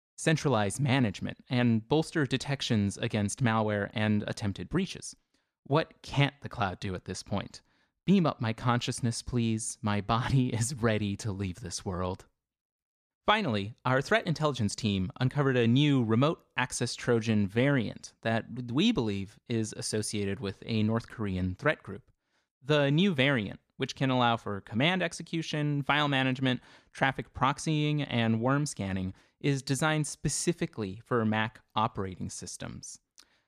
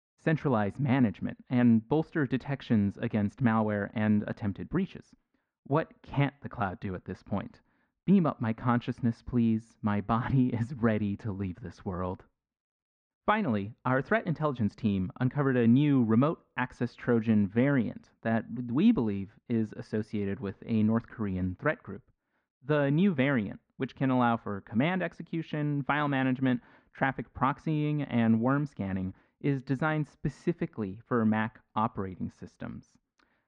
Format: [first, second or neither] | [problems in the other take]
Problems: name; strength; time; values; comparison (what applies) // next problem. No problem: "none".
first | muffled; very; fading above 1.5 kHz